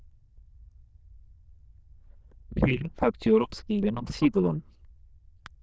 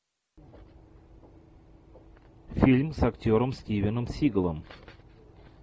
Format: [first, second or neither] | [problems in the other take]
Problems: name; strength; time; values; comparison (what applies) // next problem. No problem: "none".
second | noise reduction (neural diffusion model UNIVERSE++)